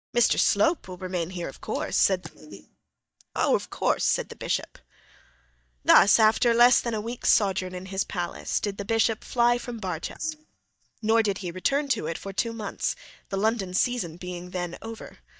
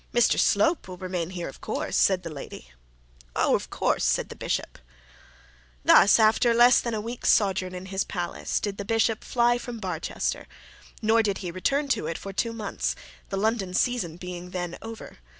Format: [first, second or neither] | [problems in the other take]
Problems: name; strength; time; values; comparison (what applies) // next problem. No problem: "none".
second | noise reduction (neural mask model DeepFilterNet 3)